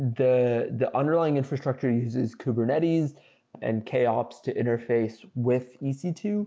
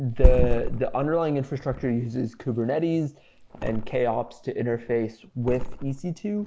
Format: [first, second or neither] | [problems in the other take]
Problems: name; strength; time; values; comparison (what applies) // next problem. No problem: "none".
first | background sound (Thump, thud); as loud as the speech